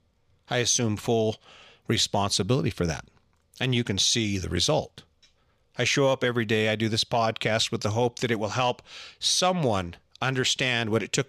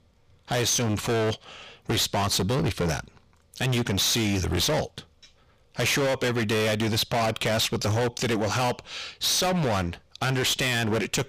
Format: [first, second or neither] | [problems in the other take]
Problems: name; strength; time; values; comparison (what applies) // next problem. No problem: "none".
first | distortion; heavy; 28% of the sound clipped